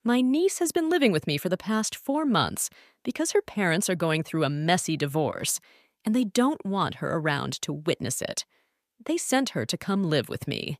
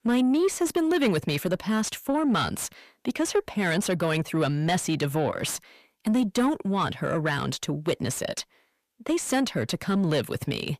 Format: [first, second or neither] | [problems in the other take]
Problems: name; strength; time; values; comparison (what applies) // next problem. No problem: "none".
first | distortion; slight; 10 dB below the speech